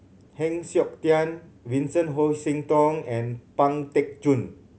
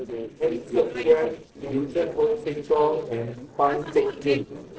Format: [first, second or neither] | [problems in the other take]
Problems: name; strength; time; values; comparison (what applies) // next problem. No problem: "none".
first | noise reduction (neural separator model SepFormer DNS4)